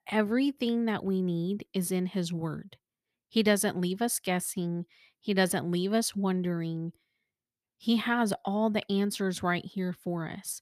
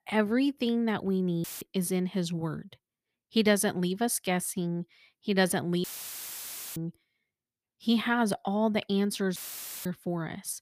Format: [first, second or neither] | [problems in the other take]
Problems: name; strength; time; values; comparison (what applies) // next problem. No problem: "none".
first | audio cutting out; filled with static; at 1.5 s, at 6 s for 1 s and at 9.5 s